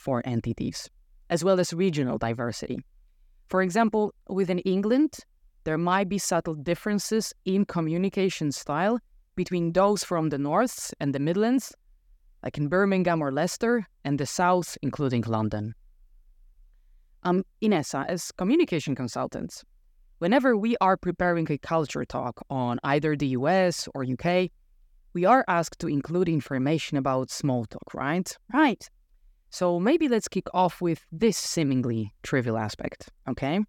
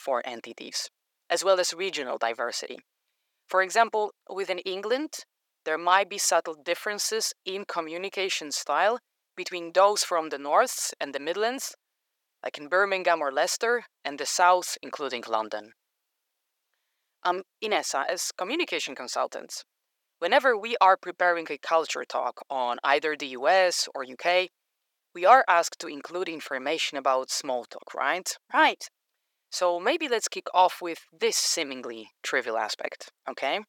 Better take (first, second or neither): first